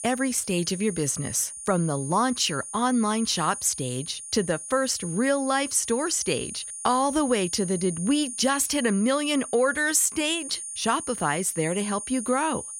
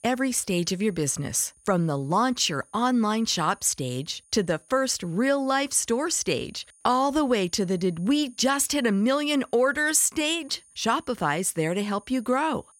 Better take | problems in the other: second | high-pitched whine; loud; throughout; 9 kHz, 9 dB below the speech; faint in the second

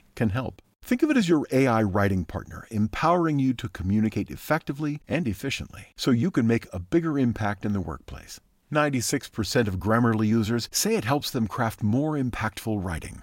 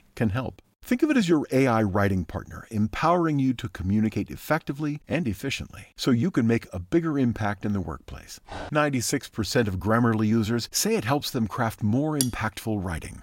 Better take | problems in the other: first | dog barking; faint; at 8.5 s; peak 15 dB below the speech // clattering dishes; noticeable; at 12 s; peak 4 dB below the speech

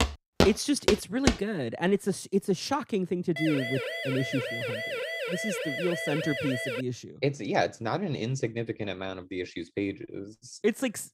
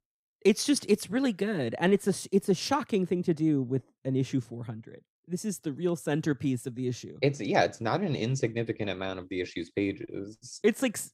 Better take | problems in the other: second | footsteps; loud; until 1.5 s; peak 4 dB above the speech // siren; noticeable; from 3.5 to 7 s; peak 1 dB below the speech

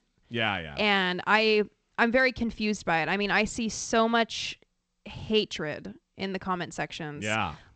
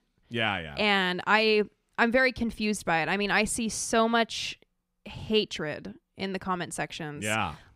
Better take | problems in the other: second | garbled, watery; slightly; nothing above 8 kHz

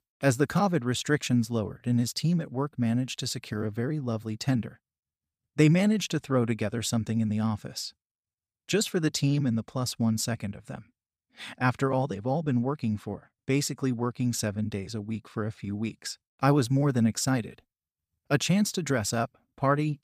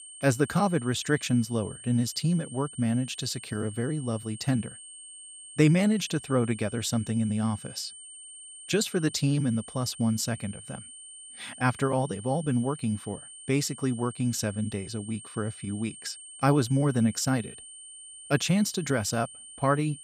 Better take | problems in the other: first | high-pitched whine; noticeable; throughout; 8.5 kHz, 15 dB below the speech

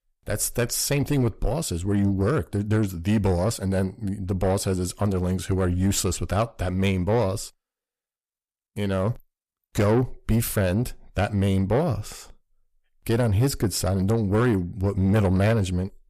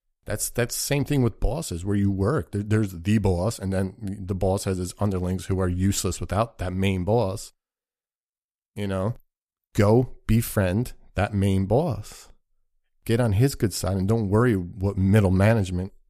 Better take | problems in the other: second | distortion; slight; 10 dB below the speech

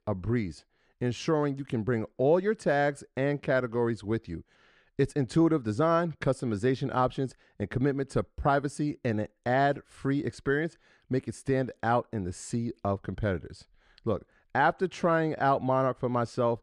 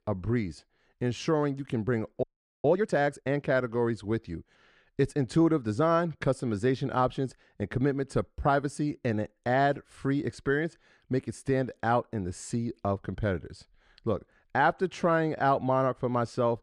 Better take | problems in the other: first | audio freezing; at 2 s

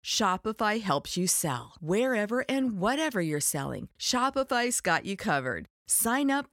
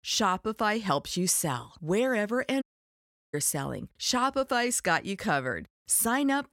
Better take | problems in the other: first | audio cutting out; at 2.5 s for 0.5 s

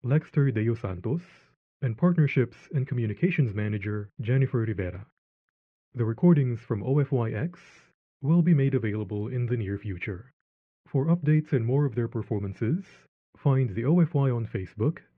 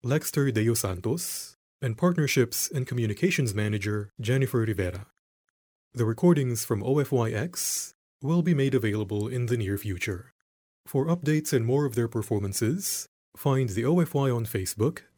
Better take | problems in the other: second | muffled; very; fading above 2.5 kHz

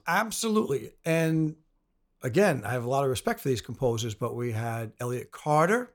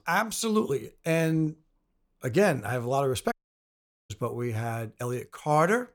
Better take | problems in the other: first | audio cutting out; at 3.5 s for 1 s

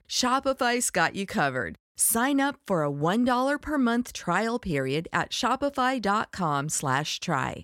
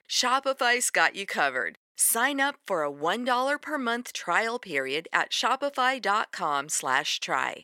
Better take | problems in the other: first | thin; somewhat; fading below 400 Hz

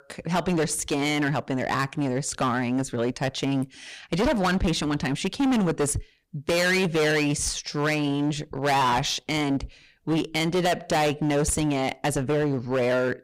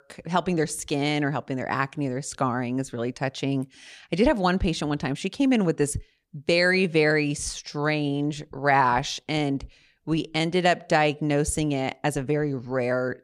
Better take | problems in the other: second | distortion; heavy; 18% of the sound clipped

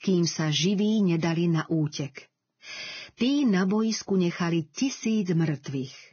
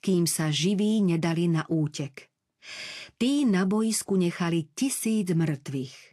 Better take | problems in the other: second | garbled, watery; badly; nothing above 6.5 kHz; slightly in the second

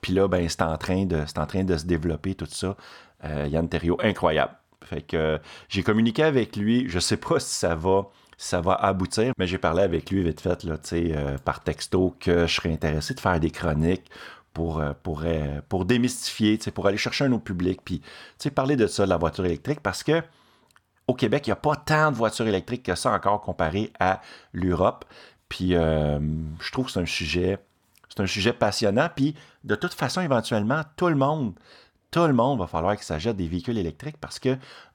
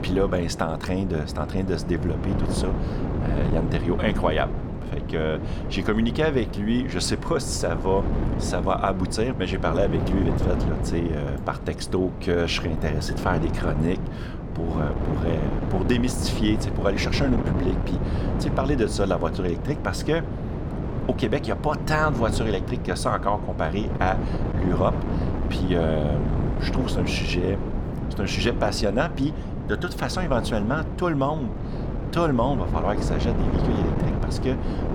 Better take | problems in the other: first | wind noise on the microphone; heavy; 7 dB below the speech

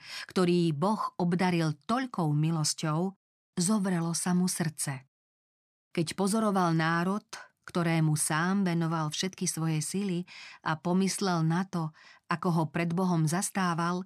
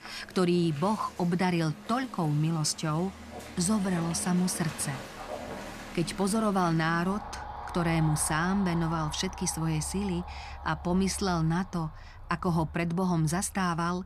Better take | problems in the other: first | traffic noise; noticeable; throughout; 15 dB below the speech

